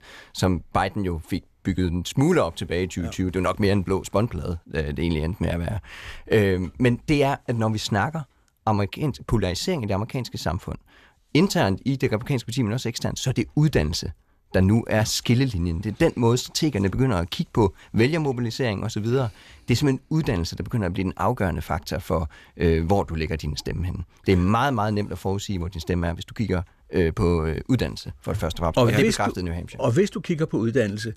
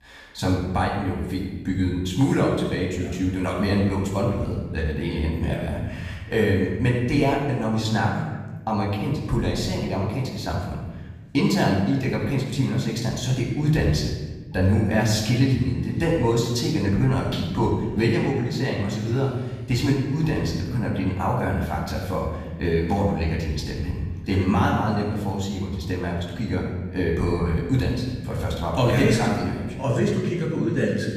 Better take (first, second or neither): first